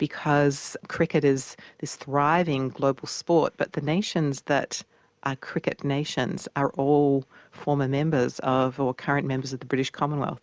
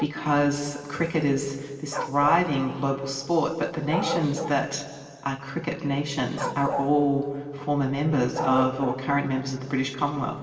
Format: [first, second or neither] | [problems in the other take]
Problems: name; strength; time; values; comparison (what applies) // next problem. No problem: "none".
first | background sound (Bark); 11 dB below the speech // room echo; dies away in 2.1 s